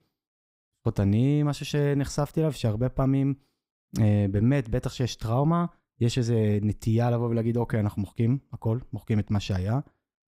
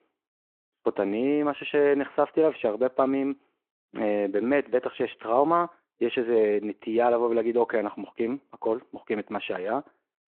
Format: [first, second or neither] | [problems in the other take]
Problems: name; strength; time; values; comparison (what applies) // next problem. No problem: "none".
first | phone-call audio